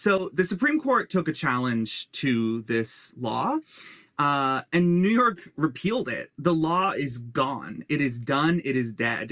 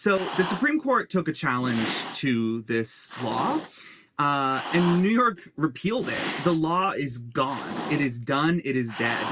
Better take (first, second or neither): first